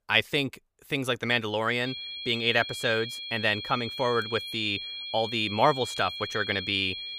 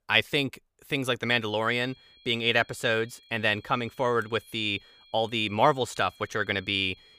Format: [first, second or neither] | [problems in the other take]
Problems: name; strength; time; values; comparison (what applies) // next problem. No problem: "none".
second | high-pitched whine; loud; from 2 s on; 3.5 kHz, 7 dB below the speech; faint in the second